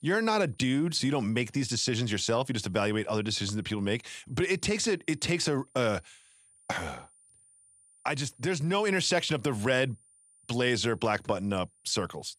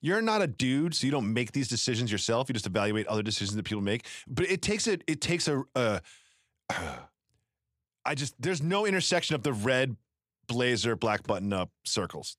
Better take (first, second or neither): second